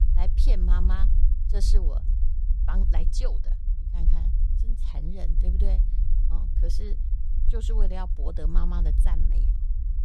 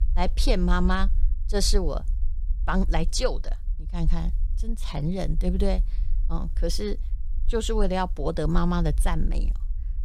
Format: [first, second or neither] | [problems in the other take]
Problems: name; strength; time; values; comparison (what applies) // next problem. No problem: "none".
second | low rumble; loud; throughout; 7 dB below the speech; faint in the second